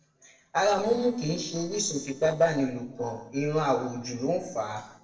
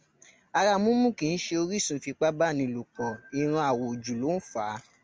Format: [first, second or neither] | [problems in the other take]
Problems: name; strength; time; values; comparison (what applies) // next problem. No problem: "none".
second | noise reduction (neural separator model SepFormer DNS4)